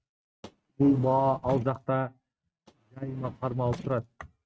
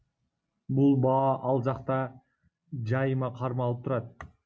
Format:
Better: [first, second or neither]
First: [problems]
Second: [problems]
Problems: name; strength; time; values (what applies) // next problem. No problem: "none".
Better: second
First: noise reduction (neural mask model RNNoise)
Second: none